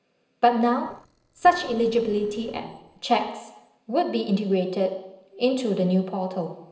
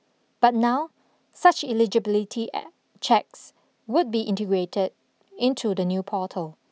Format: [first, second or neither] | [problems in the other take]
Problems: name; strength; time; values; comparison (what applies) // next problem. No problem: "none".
second | noise reduction (neural separator model SepFormer DNS4)